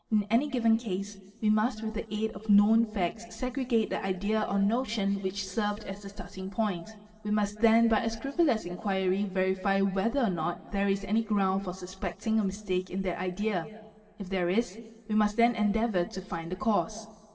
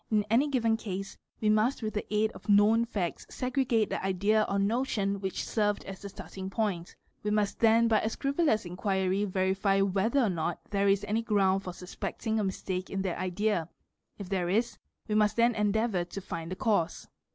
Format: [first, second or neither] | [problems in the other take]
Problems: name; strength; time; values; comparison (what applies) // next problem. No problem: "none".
second | room echo; dies away in 2.6 s